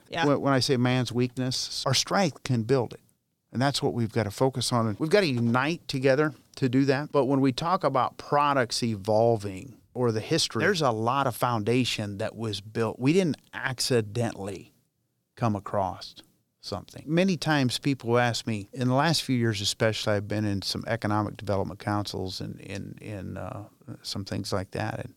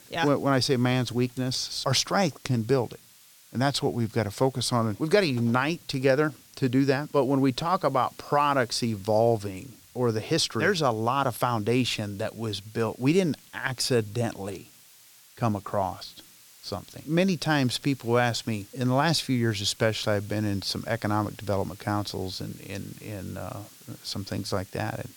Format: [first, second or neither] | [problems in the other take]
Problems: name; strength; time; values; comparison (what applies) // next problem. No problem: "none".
first | hiss; faint; throughout; 25 dB below the speech